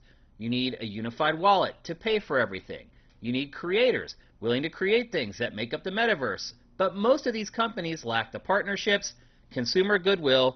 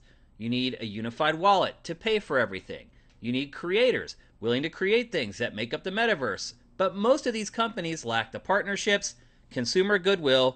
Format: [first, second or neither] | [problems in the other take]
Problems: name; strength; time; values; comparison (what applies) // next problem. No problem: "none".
second | garbled, watery; badly; nothing above 6 kHz; slightly in the second